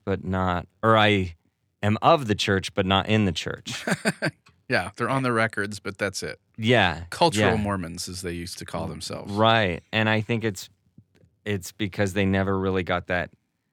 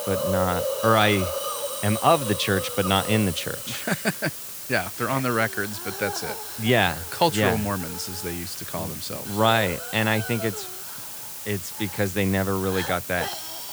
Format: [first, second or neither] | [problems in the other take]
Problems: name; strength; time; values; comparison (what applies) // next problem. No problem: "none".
first | hiss; loud; throughout; 6 dB below the speech